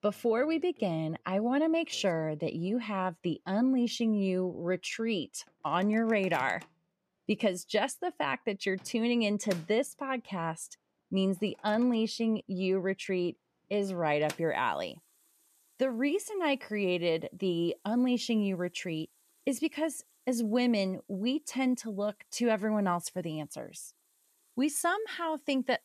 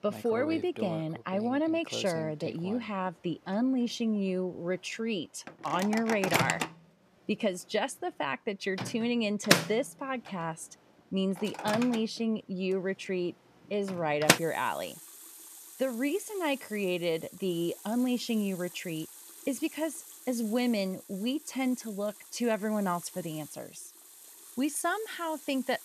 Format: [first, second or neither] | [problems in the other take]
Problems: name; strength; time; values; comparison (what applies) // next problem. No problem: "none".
first | household noises; loud; throughout; 4 dB below the speech; faint in the first